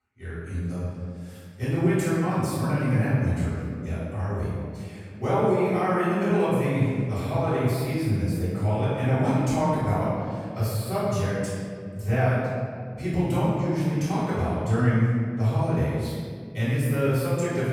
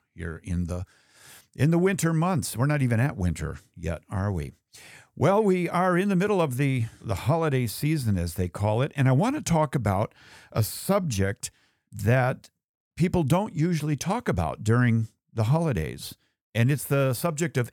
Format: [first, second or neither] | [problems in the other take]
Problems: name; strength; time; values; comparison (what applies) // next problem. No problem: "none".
second | off-mic speech; far // room echo; strong; dies away in 2 s